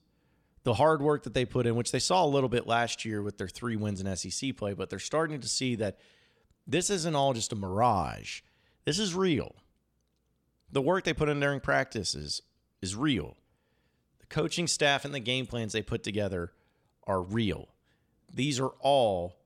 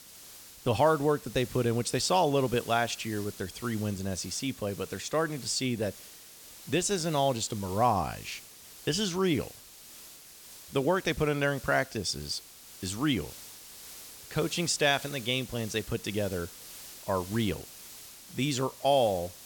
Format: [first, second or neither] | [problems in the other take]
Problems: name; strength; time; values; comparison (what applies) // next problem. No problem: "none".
first | hiss; noticeable; throughout; 15 dB below the speech